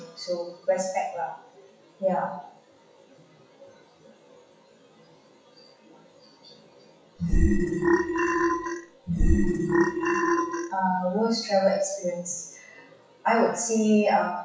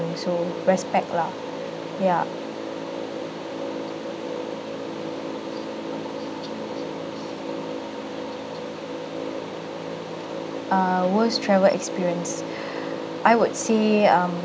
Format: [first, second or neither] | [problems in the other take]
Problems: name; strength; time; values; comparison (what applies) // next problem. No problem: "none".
second | noise reduction (classical method WPE with log-MMSE)